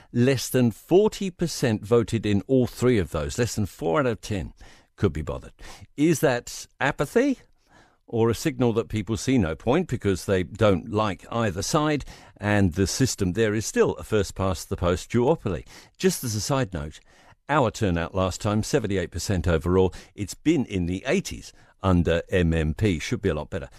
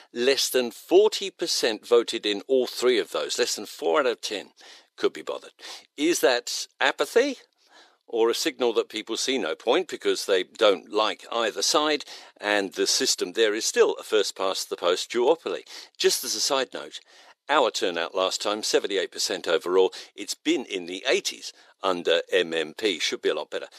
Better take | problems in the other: first | thin; very; fading below 350 Hz

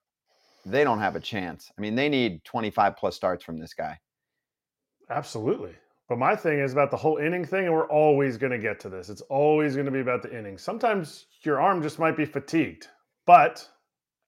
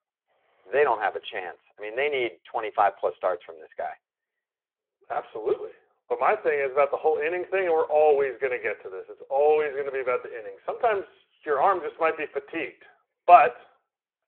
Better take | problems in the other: first | phone-call audio

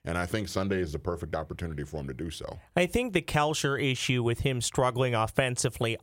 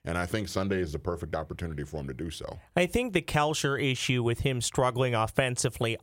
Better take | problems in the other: neither | none

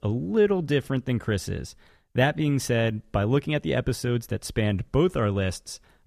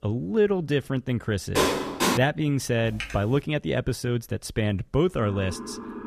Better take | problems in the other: first | door banging; loud; at 1.5 s; peak 2 dB above the speech // keyboard typing; noticeable; at 3 s; peak 9 dB below the speech // siren; faint; at 5 s; peak 10 dB below the speech

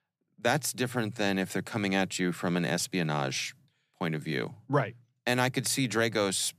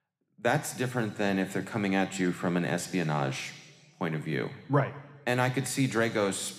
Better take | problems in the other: first | room echo; very slight; dies away in 1.3 s

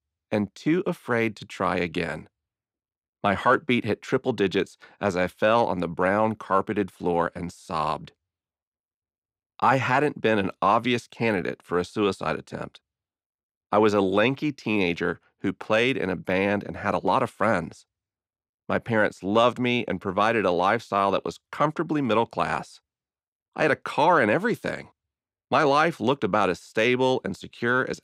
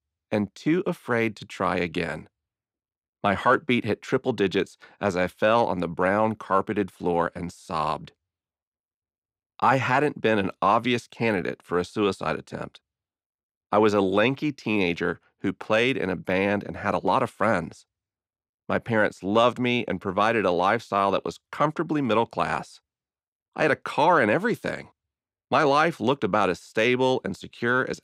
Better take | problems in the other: neither | none

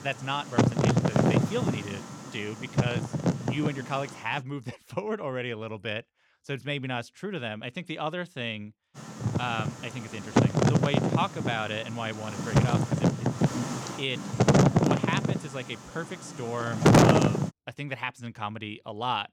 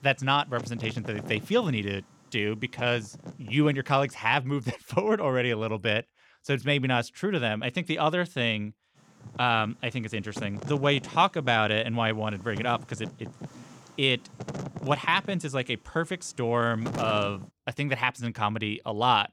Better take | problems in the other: second | wind noise on the microphone; heavy; until 4.5 s and from 9 to 17 s; 5 dB above the speech; occasional gusts in the second

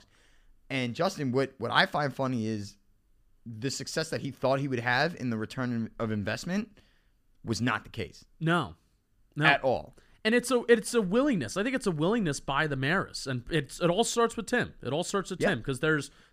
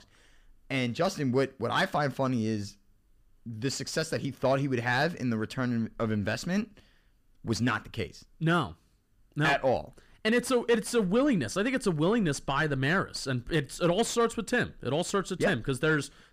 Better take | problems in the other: first | distortion; slight; 10 dB below the speech

